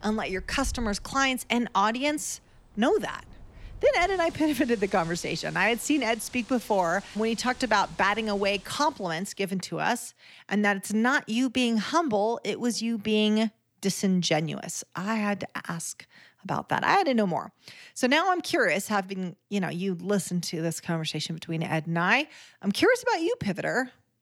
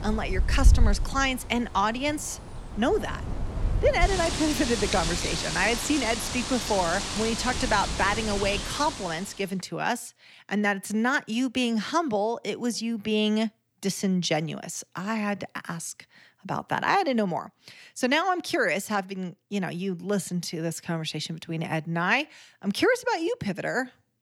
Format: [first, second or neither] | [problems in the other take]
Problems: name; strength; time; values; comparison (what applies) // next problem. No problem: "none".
first | wind in the background; loud; until 9 s; 2 dB below the speech; faint in the first